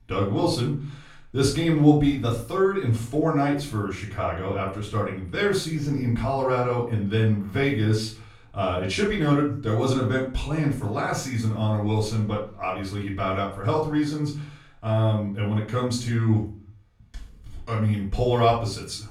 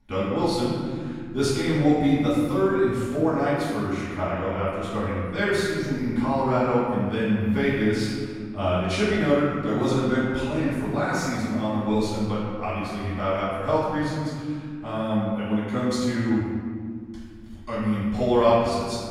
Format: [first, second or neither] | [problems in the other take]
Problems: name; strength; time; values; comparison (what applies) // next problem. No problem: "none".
first | room echo; strong; dies away in 1.8 s; slight in the first // off-mic speech; far; far in the first